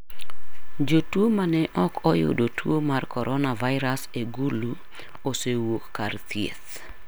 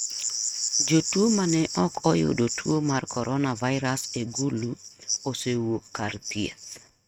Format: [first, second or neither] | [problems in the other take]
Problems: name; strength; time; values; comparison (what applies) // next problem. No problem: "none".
first | noise reduction (neural mask model RNNoise)